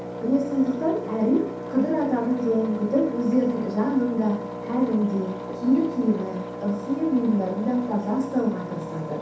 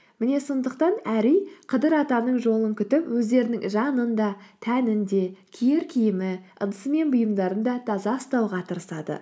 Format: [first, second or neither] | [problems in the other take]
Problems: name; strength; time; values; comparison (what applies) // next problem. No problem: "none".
second | background sound (Engine); 9 dB below the speech // room echo; dies away in 0.7 s